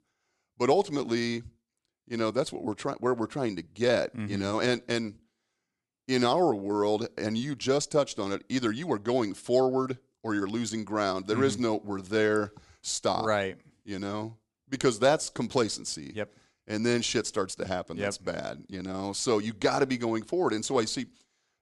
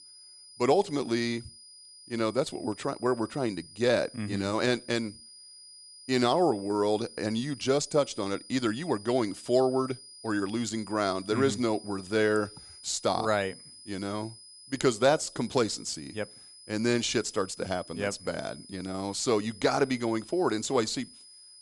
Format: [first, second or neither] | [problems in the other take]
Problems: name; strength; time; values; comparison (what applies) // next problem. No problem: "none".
first | high-pitched whine; noticeable; throughout; 5 kHz, 20 dB below the speech